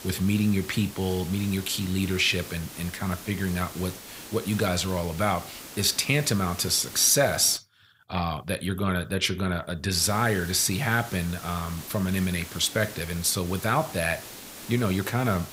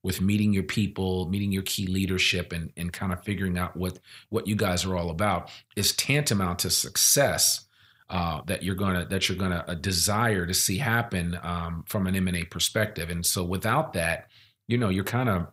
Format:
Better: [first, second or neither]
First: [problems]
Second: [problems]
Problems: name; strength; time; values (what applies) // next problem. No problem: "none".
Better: second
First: hiss; noticeable; until 7.5 s and from 10 s on; 15 dB below the speech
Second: none